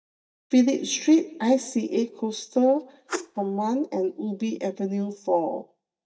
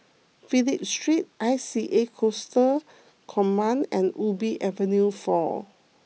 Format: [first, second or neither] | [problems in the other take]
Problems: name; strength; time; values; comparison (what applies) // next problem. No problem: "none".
second | noise reduction (neural mask model DeepFilterNet 3)